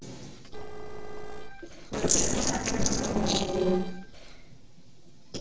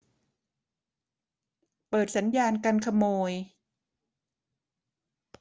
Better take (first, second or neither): second